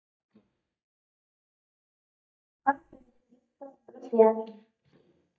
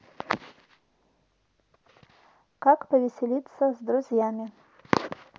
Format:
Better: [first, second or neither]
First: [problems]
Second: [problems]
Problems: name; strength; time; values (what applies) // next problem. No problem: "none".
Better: second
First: noise reduction (neural mask model DeepFilterNet 3)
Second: none